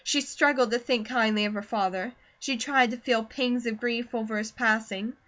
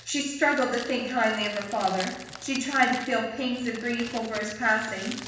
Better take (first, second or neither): first